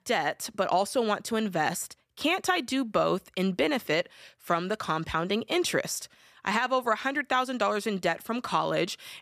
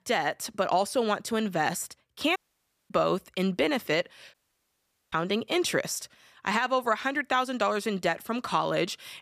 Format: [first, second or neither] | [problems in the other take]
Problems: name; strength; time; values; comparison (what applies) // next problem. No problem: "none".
first | audio cutting out; at 2.5 s for 0.5 s and at 4.5 s for 1 s